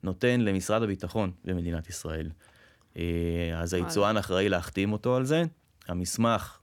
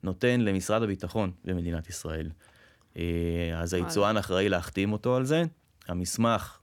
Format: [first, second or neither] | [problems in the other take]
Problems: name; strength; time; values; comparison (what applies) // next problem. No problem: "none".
neither | none